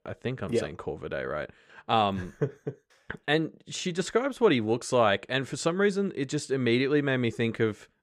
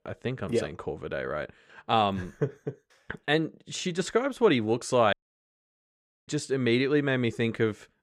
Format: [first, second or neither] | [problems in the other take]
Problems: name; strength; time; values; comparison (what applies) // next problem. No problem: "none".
first | audio cutting out; at 5 s for 1 s